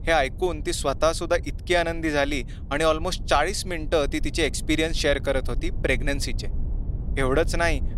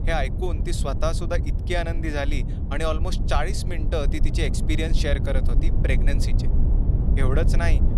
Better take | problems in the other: first | low rumble; loud; throughout; 9 dB below the speech; faint in the first

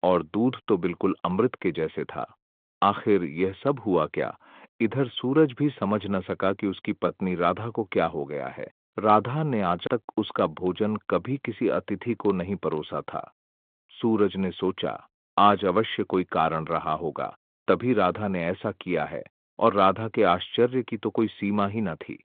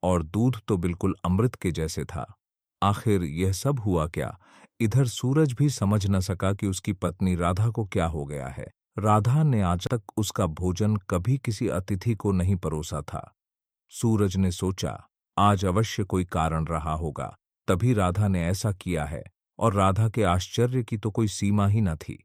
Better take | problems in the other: second | phone-call audio

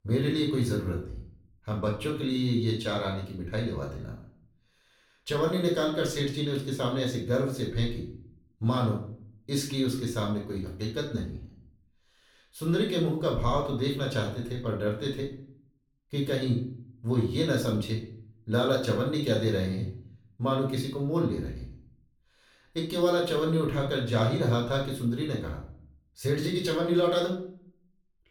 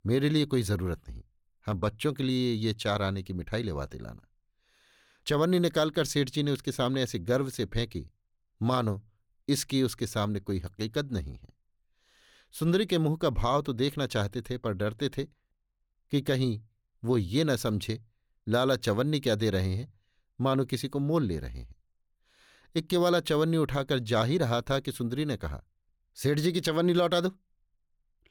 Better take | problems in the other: second | off-mic speech; somewhat distant // room echo; slight; dies away in 0.5 s

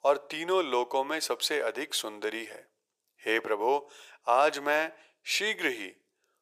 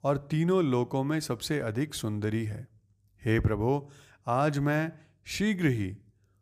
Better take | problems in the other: second | thin; very; fading below 450 Hz

